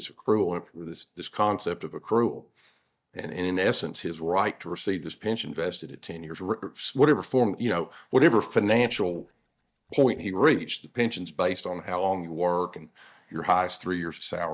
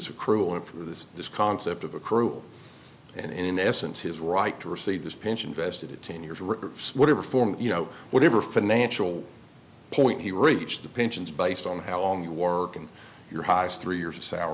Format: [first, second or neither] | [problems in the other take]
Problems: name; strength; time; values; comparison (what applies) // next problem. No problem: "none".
second | noise reduction (neural mask model DeepFilterNet 3)